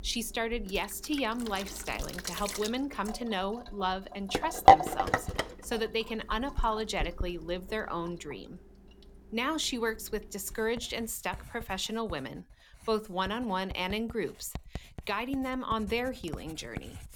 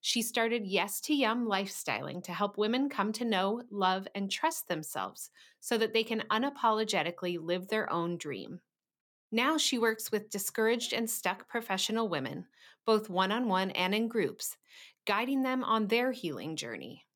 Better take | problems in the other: second | household noises; very loud; throughout; 3 dB above the speech

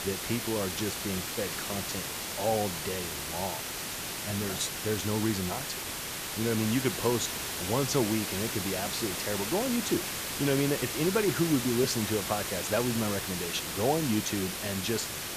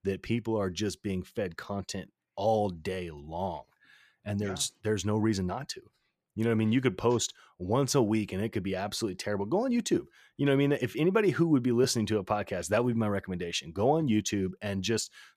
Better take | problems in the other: second | hiss; loud; throughout; 2 dB below the speech

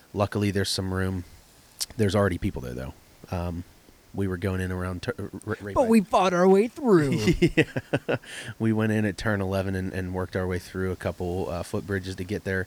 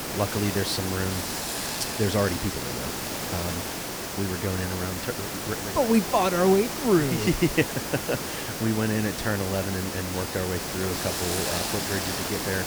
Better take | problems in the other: first | hiss; loud; throughout; 2 dB below the speech; faint in the first

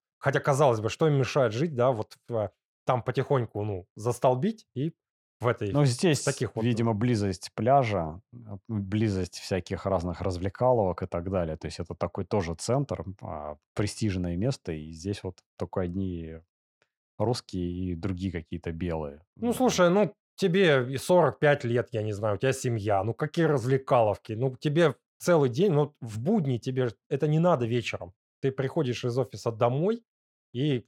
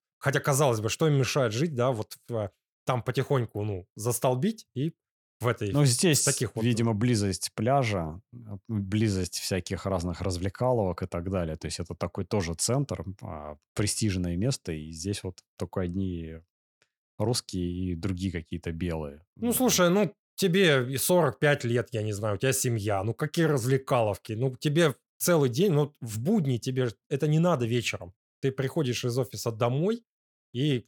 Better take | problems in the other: second | muffled; slightly; fading above 3.5 kHz

